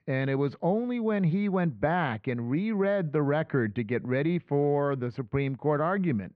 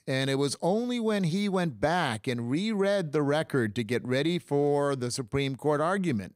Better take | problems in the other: second | muffled; very; fading above 2.5 kHz

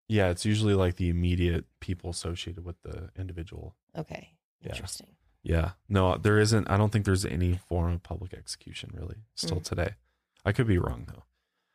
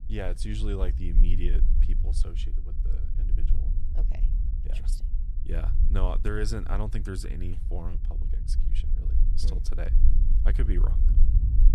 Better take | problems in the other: first | low rumble; loud; throughout; 10 dB below the speech

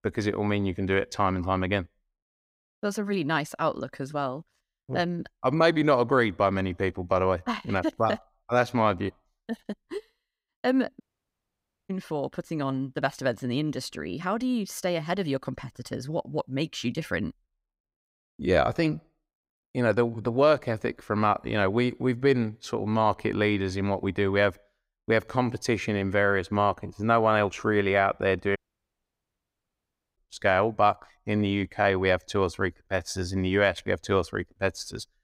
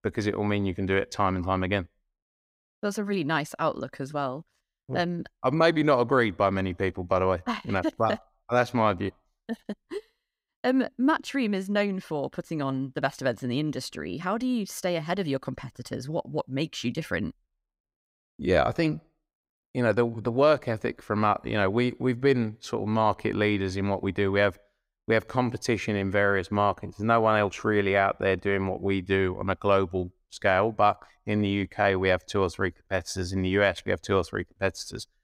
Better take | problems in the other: second | audio cutting out; at 11 s for 1 s and at 29 s for 1.5 s

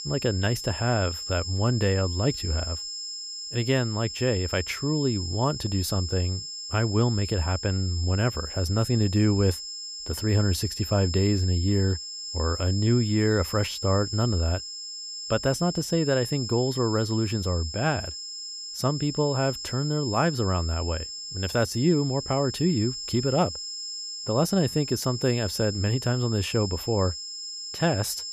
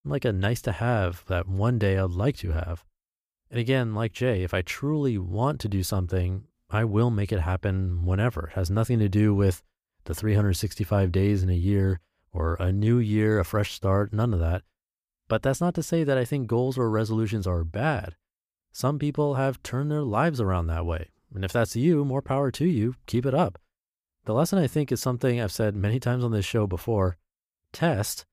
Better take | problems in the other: second | high-pitched whine; loud; throughout; 5 kHz, 7 dB below the speech

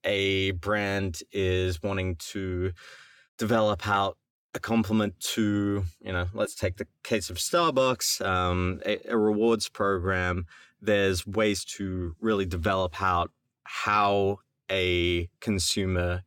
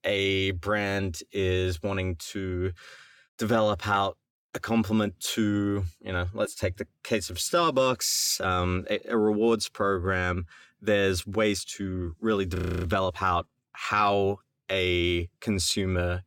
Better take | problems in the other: first | audio freezing; at 8 s and at 13 s

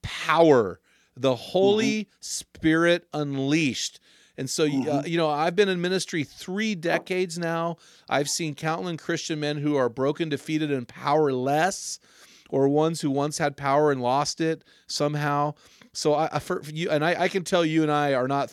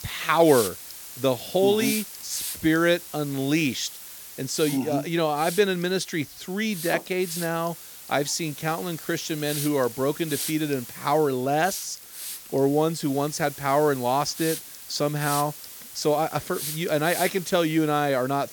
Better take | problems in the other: first | hiss; loud; throughout; 10 dB below the speech

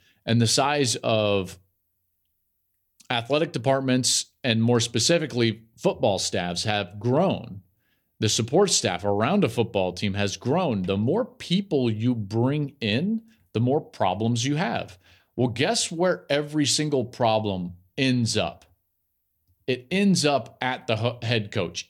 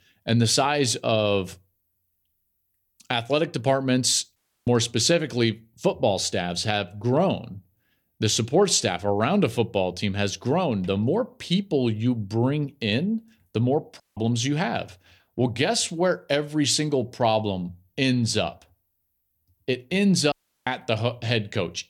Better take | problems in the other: first | audio cutting out; at 4.5 s, at 14 s and at 20 s

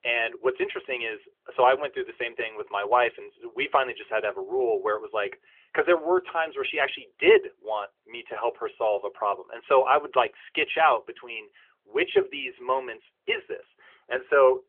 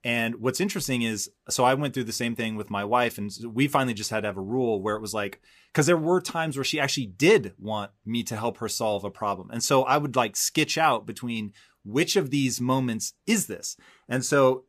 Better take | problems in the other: second | phone-call audio

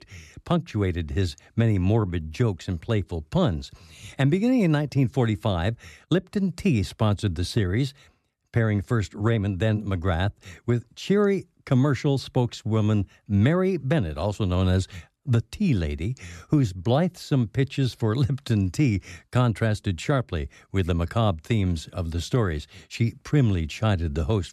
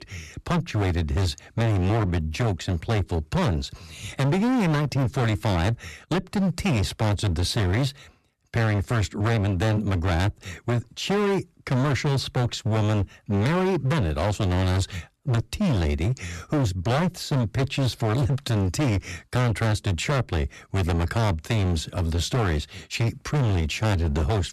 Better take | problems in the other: first | distortion; heavy; 27% of the sound clipped

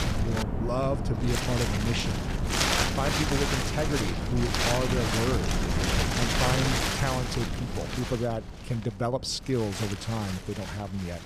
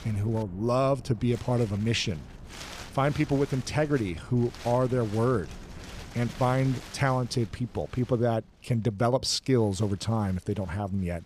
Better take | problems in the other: second | wind noise on the microphone; heavy; 3 dB above the speech; occasional gusts in the second

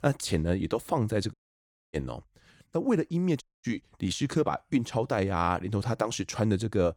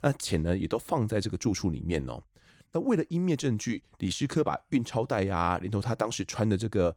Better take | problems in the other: second | audio cutting out; at 1.5 s for 0.5 s and at 3.5 s

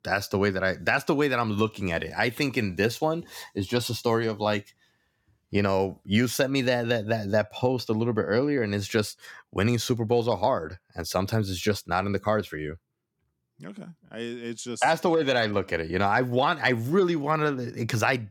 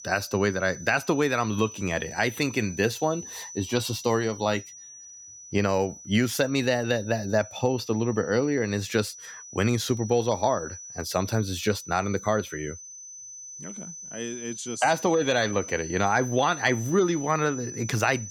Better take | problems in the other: first | high-pitched whine; noticeable; throughout; 6 kHz, 15 dB below the speech

